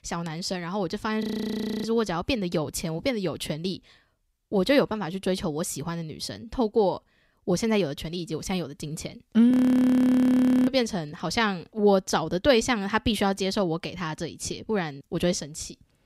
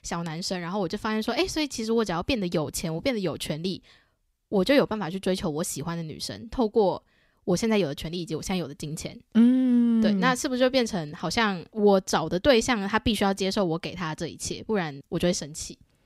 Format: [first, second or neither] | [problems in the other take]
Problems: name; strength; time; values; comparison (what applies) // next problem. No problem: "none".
second | audio freezing; at 1 s for 0.5 s and at 9.5 s for 1 s